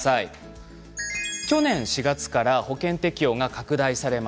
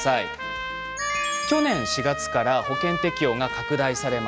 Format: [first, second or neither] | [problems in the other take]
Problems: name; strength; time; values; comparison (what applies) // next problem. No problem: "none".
first | background sound (Trumpet); 5 dB below the speech